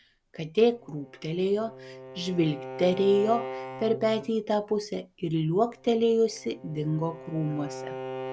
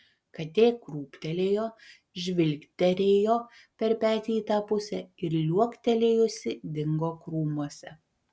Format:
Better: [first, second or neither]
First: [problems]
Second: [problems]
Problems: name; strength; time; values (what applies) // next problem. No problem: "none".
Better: second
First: background sound (Bowed string instrument); 13 dB below the speech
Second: none